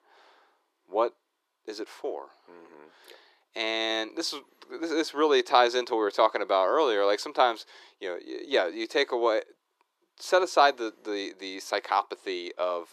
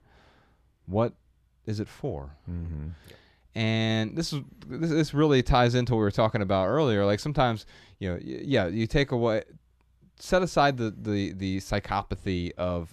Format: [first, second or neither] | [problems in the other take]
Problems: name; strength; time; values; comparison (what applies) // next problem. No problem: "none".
second | thin; very; fading below 350 Hz